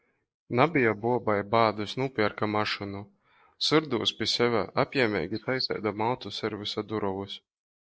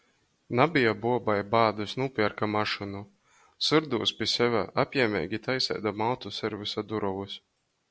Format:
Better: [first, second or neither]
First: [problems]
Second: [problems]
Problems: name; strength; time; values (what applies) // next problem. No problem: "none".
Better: second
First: noise reduction (neural mask model Resemble Enhance denoiser)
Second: none